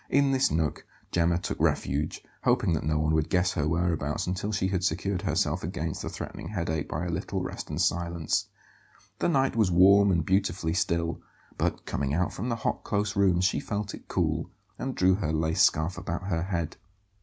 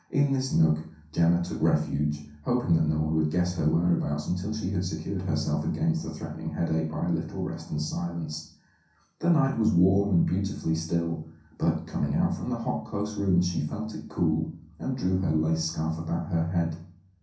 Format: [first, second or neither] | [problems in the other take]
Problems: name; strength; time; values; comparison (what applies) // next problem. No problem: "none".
first | room echo; dies away in 0.6 s